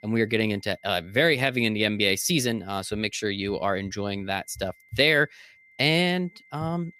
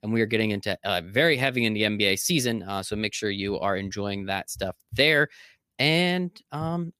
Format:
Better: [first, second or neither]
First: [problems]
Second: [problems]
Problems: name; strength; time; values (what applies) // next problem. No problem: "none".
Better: second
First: high-pitched whine; faint; throughout; 2 kHz, 30 dB below the speech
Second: none